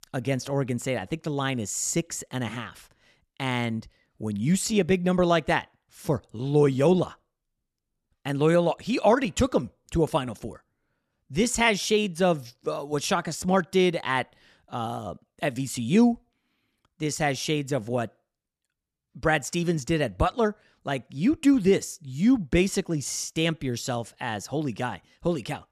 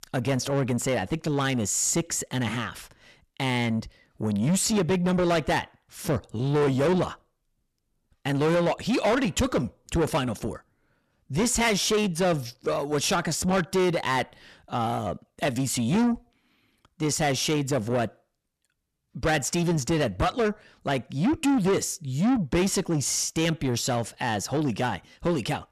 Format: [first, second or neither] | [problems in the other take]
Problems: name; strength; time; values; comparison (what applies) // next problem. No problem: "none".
first | distortion; heavy; 7 dB below the speech